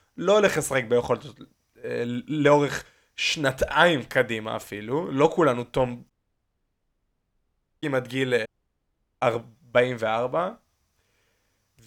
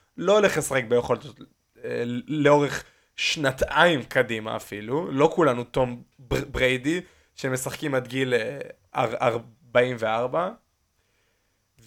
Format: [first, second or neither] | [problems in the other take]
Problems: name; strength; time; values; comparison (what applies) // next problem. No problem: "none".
second | audio cutting out; at 6 s for 1.5 s and at 8.5 s for 1 s